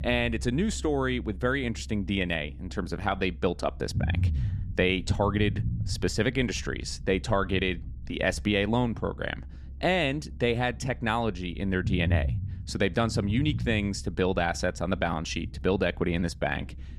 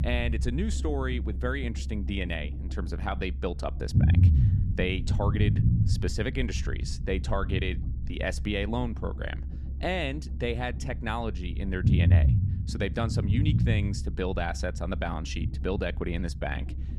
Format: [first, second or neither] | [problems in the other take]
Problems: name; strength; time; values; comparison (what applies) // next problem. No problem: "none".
first | low rumble; loud; throughout; 9 dB below the speech; faint in the first